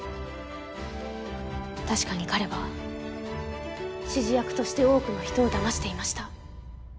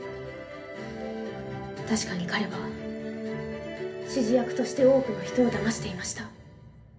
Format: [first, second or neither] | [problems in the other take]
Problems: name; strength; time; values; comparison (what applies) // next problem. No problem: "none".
first | room echo; dies away in 0.3 s